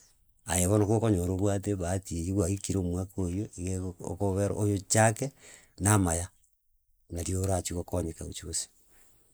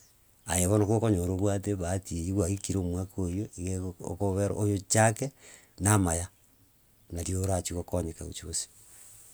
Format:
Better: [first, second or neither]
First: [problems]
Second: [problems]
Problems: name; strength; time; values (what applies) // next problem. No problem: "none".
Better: second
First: noise reduction (neural mask model Resemble Enhance denoiser)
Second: none